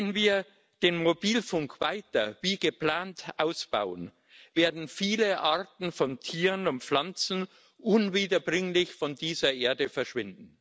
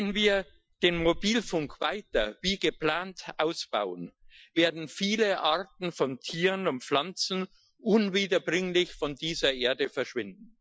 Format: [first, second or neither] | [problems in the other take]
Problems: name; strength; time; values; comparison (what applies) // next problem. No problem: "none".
first | noise reduction (classical method Wiener filter)